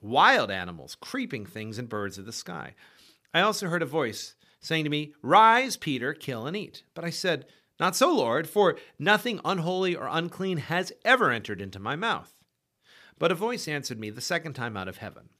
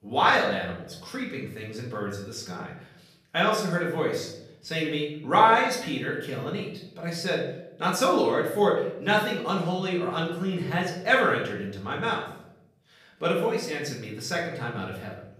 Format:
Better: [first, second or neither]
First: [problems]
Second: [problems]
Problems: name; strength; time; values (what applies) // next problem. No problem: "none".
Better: first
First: none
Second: off-mic speech; far // room echo; noticeable; dies away in 0.7 s